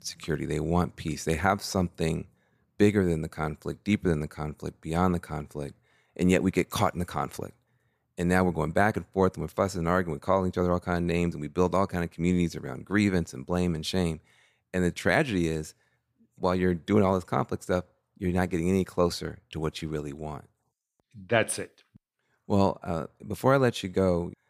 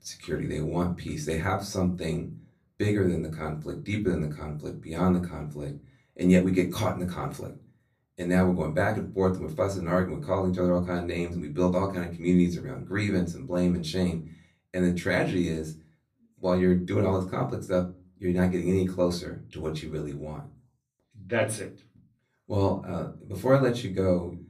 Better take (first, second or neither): first